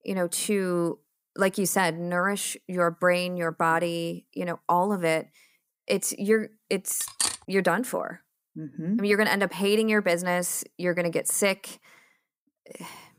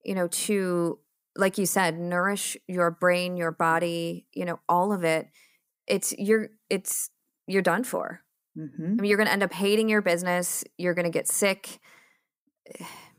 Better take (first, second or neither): second